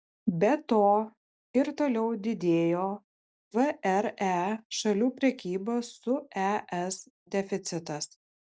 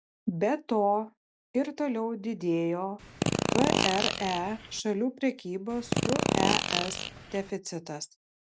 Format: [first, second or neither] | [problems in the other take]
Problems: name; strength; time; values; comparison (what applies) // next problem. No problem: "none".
first | background sound (Fart); 2 dB above the speech